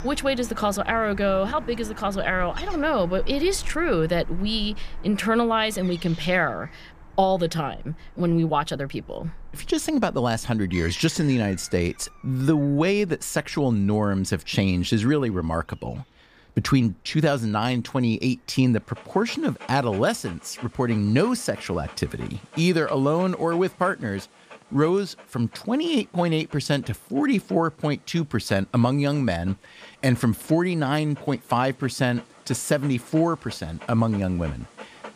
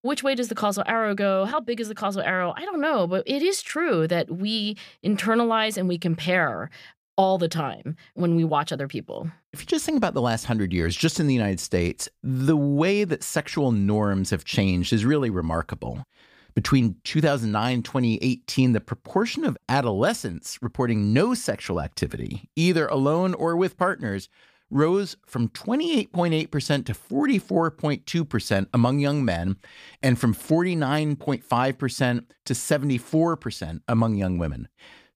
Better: second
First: animal sounds; faint; throughout; 20 dB below the speech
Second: none

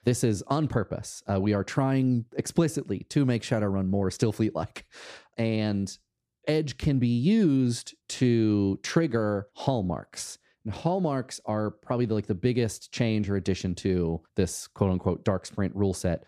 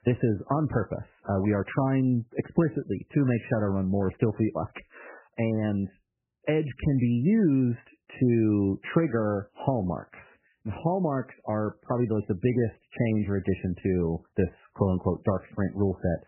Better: first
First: none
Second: garbled, watery; badly; nothing above 3 kHz

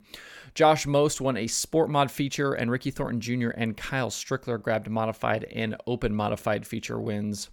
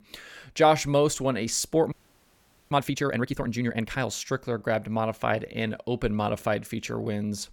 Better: first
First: none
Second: audio freezing; at 2 s for 1 s

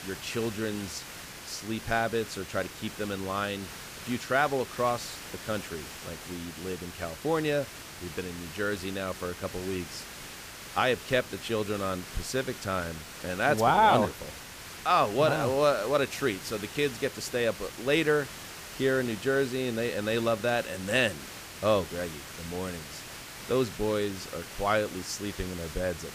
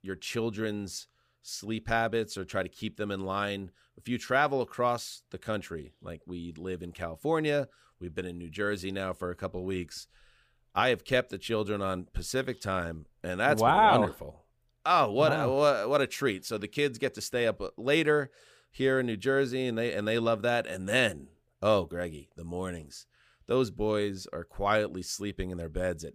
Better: second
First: hiss; noticeable; throughout; 10 dB below the speech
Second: none

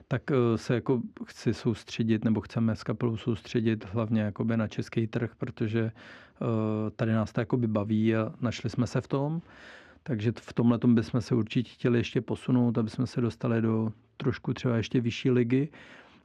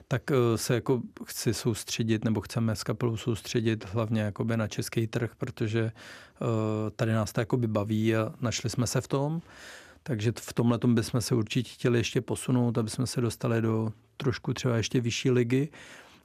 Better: second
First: muffled; slightly; fading above 3.5 kHz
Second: none

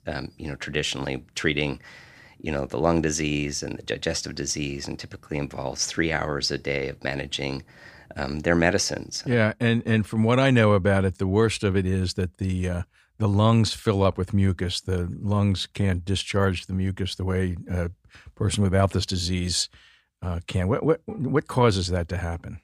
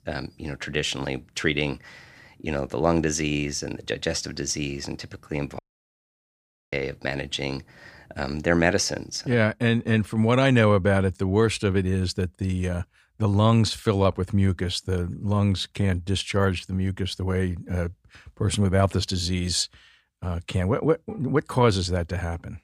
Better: first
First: none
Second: audio cutting out; at 5.5 s for 1 s

